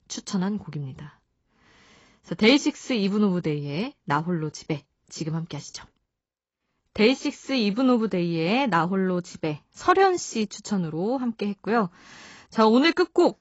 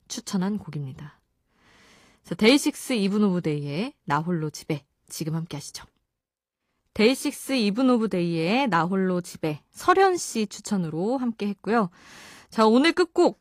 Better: second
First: garbled, watery; badly; nothing above 7.5 kHz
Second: garbled, watery; slightly; nothing above 15.5 kHz

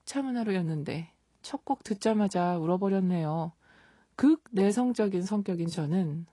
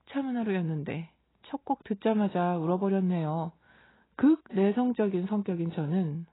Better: first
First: garbled, watery; slightly; nothing above 10.5 kHz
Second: garbled, watery; badly; nothing above 4 kHz

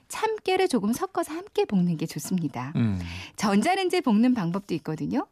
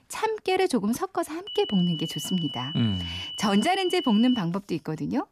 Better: first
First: none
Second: high-pitched whine; loud; from 1.5 to 4.5 s; 3 kHz, 7 dB below the speech

